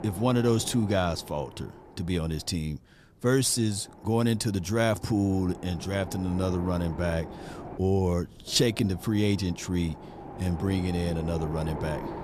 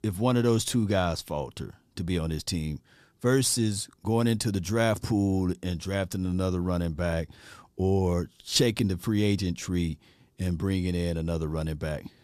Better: second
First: wind noise on the microphone; occasional gusts; 10 dB below the speech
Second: none

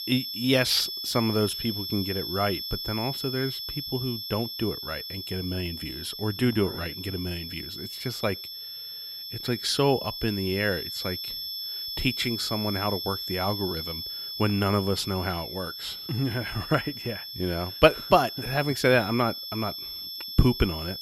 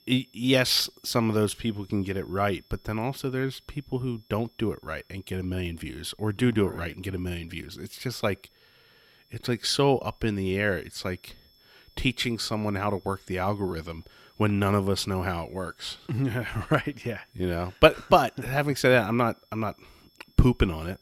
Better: second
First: high-pitched whine; loud; throughout; 5.5 kHz, 5 dB below the speech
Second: high-pitched whine; faint; throughout; 5.5 kHz, 35 dB below the speech

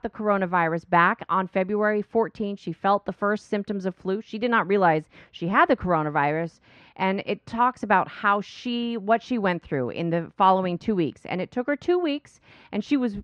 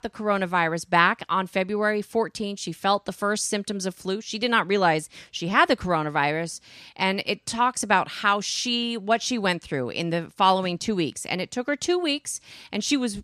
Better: second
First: muffled; very; fading above 1.5 kHz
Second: none

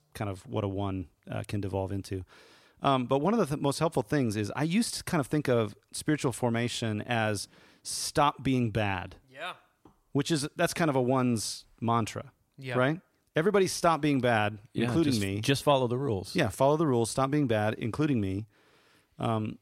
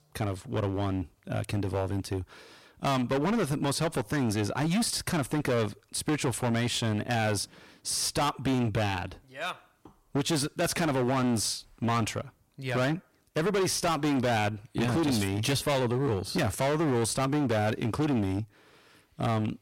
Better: first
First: none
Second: distortion; heavy; 18% of the sound clipped

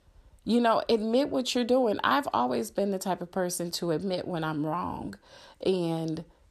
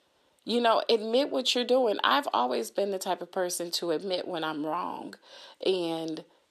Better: first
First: none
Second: thin; very slightly; fading below 350 Hz

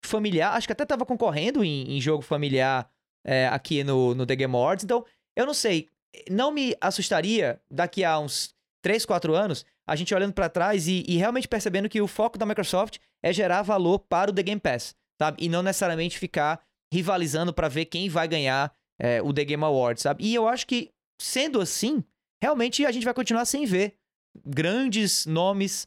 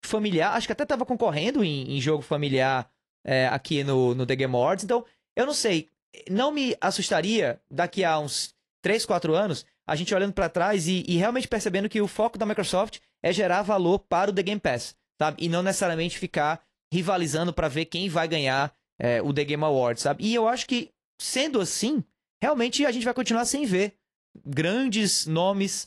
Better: first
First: none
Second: garbled, watery; slightly; nothing above 11.5 kHz

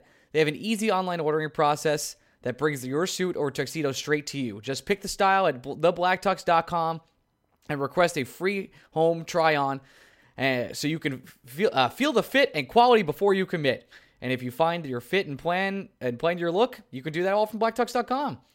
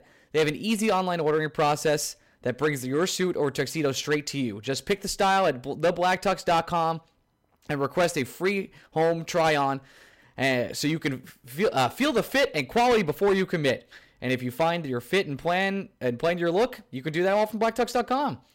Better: first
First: none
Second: distortion; slight; 6% of the sound clipped

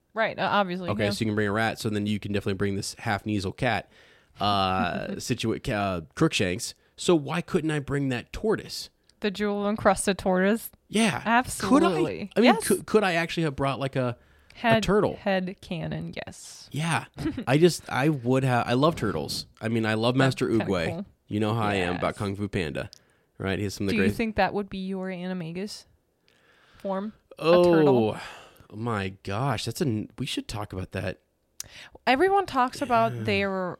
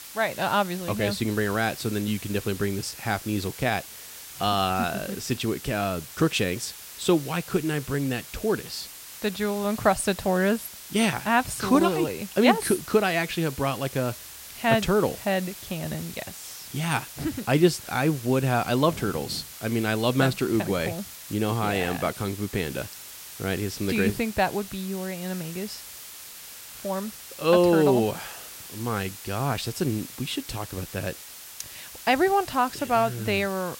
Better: first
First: none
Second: hiss; noticeable; throughout; 15 dB below the speech

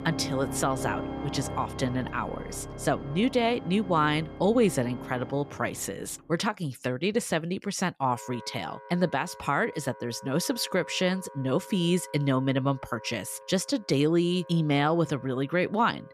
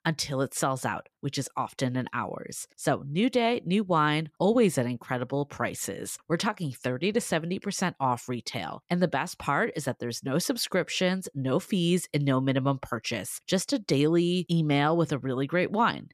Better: second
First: background music; noticeable; throughout; 15 dB below the speech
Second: none

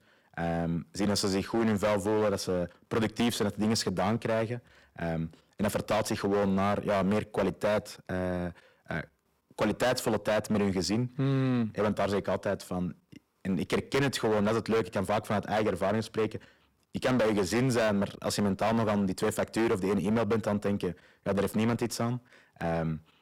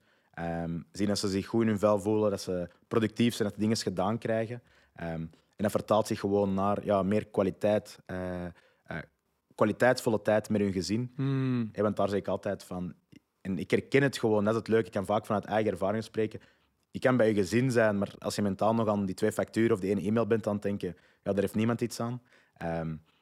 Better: second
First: distortion; heavy; 14% of the sound clipped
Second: none

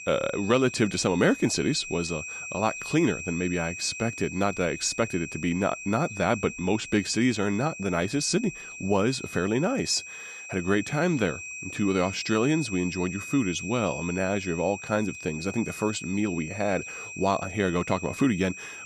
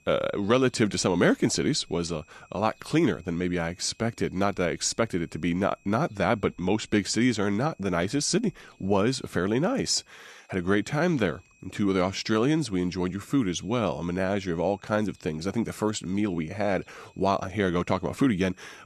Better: second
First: high-pitched whine; loud; throughout; 2.5 kHz, 10 dB below the speech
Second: high-pitched whine; faint; throughout; 2.5 kHz, 35 dB below the speech

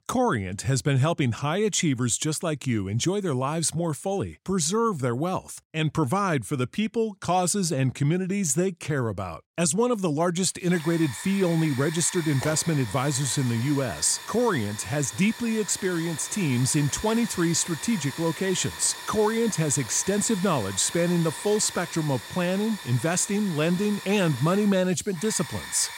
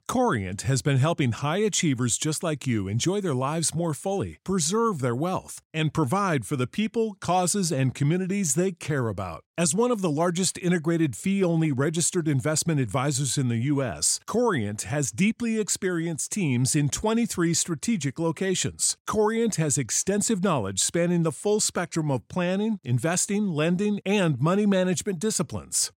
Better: second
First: hiss; noticeable; from 11 s on; 10 dB below the speech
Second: none

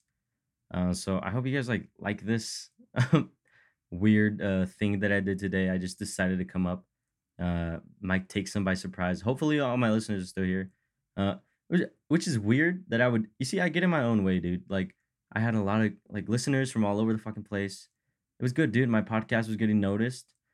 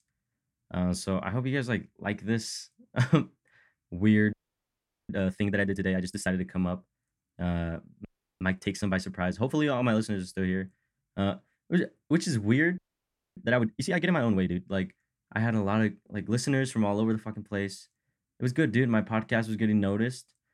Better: first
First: none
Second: audio freezing; at 4.5 s for 1 s, at 8 s and at 13 s for 0.5 s

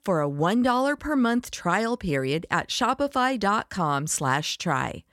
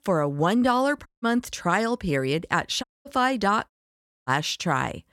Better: first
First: none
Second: audio cutting out; at 1 s, at 3 s and at 3.5 s for 0.5 s

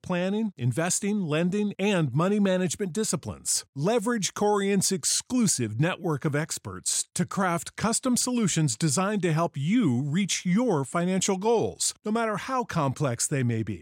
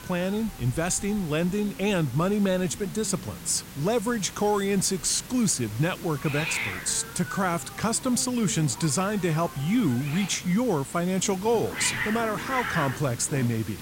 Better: first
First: none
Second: hiss; loud; throughout; 10 dB below the speech

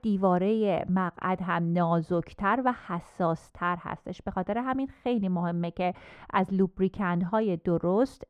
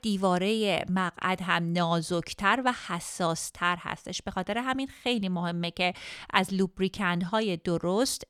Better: second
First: muffled; very; fading above 2.5 kHz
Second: none

